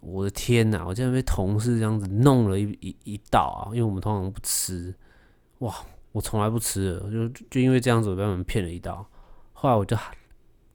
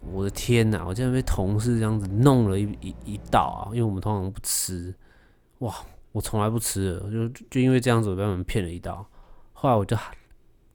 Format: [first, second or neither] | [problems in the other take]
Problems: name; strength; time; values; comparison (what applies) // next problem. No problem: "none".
first | train or aircraft noise; noticeable; until 3.5 s; 20 dB below the speech